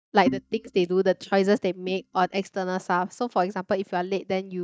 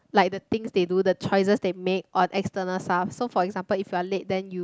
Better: second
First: noise reduction (neural mask model DeepFilterNet 3)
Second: none

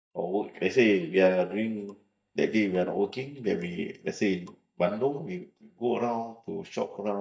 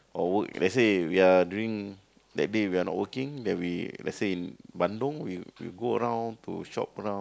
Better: second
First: noise reduction (neural mask model DeepFilterNet 3)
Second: none

